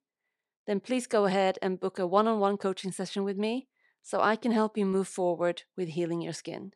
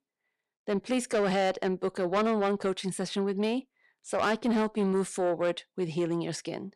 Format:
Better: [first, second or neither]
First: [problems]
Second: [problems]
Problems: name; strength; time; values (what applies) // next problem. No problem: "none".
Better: first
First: none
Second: distortion; slight; 10 dB below the speech